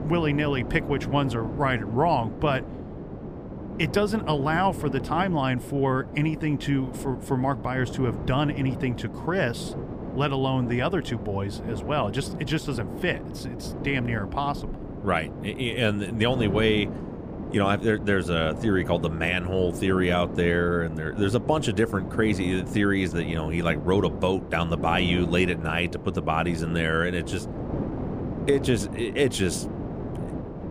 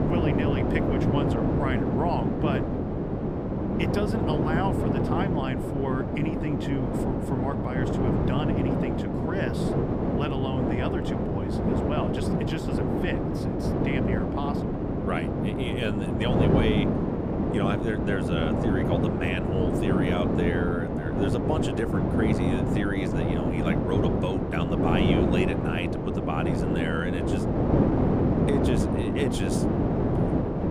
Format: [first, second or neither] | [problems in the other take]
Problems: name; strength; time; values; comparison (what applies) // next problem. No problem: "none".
first | wind noise on the microphone; heavy; 3 dB above the speech; occasional gusts in the first